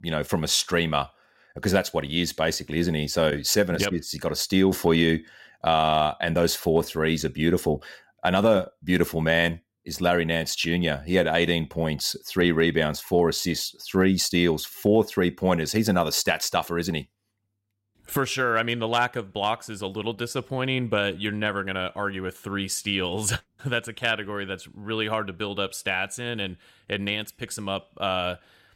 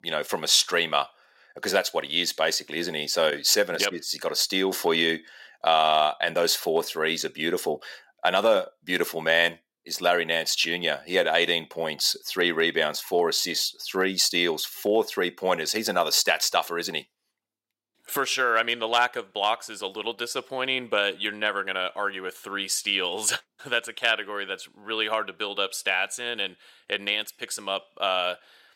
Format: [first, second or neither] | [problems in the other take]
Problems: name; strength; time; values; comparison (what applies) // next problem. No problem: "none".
first | thin; somewhat; fading below 450 Hz